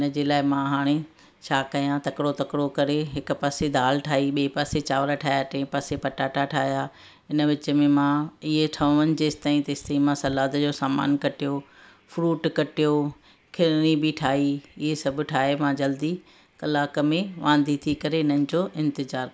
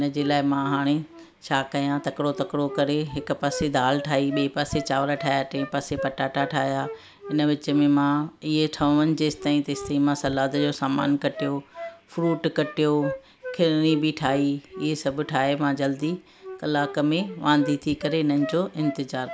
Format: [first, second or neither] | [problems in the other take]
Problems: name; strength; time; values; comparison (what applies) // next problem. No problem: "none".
first | background sound (Wind instrument, woodwind instrument); 15 dB below the speech